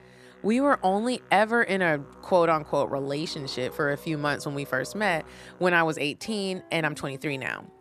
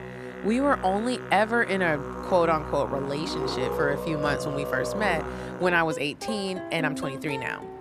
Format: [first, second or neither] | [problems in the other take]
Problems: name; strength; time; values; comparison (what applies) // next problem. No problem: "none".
first | background music; loud; throughout; 7 dB below the speech; faint in the first